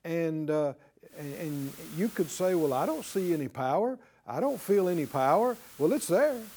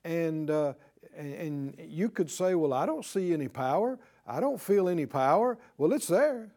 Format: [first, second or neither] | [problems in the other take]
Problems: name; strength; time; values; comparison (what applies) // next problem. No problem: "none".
second | hiss; noticeable; from 1 to 3.5 s and from 4.5 s on; 15 dB below the speech